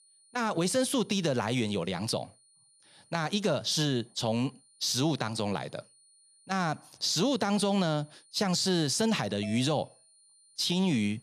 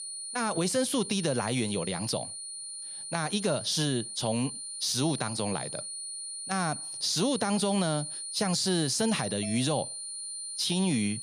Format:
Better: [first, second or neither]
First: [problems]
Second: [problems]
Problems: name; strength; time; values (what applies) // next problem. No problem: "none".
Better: first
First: high-pitched whine; faint; throughout; 9.5 kHz, 30 dB below the speech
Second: high-pitched whine; loud; throughout; 9.5 kHz, 6 dB below the speech